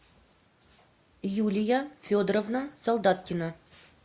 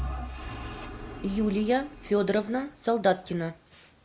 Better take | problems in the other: first | background sound (Engine / Vehicle); 11 dB below the speech

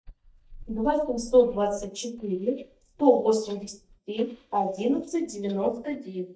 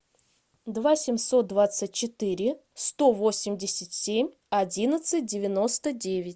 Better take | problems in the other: second | noise reduction (neural mask model DeepFilterNet 3)

